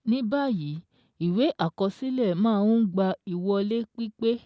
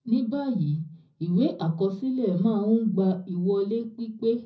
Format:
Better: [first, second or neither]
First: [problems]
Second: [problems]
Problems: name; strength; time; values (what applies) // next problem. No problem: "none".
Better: first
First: none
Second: room echo; dies away in 0.4 s